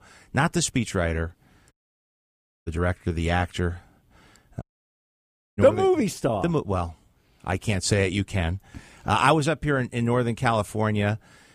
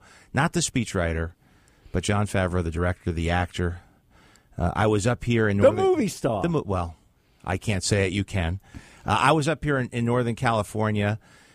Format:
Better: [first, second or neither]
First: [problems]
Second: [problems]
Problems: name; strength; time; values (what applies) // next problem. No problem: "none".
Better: second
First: audio cutting out; at 1.5 s for 1 s and at 4.5 s for 1 s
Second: none